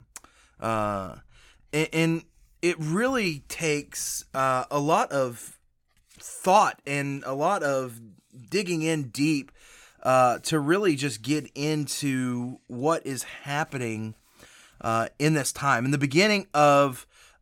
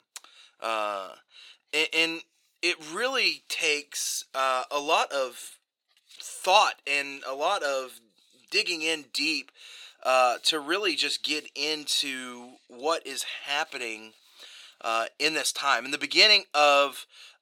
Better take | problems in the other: first | thin; somewhat; fading below 400 Hz

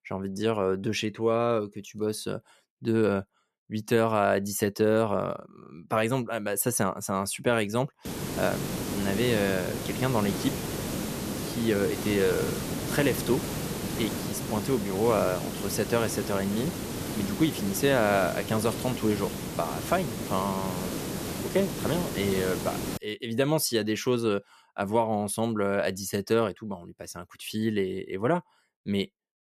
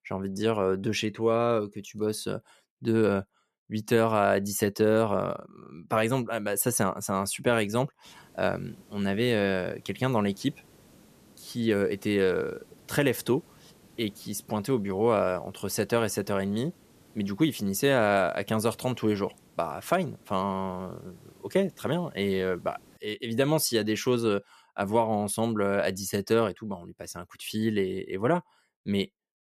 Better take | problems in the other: second | hiss; loud; from 8 to 23 s; 5 dB below the speech; faint in the second

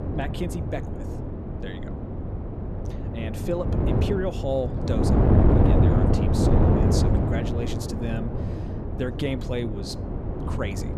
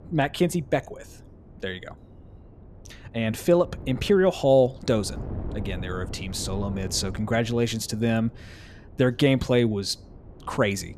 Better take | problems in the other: second | wind noise on the microphone; heavy; 2 dB above the speech; occasional gusts in the second

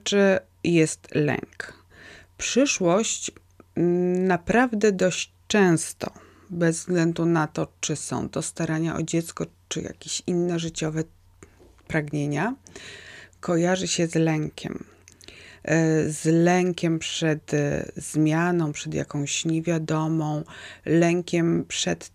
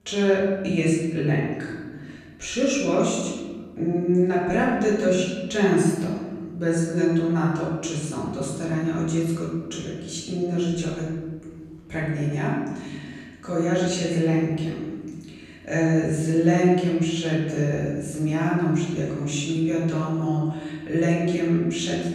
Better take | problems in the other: first | room echo; noticeable; dies away in 1.6 s // off-mic speech; far

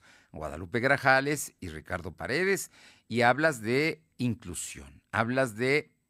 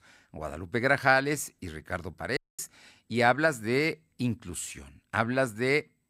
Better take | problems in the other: first | audio cutting out; at 2.5 s

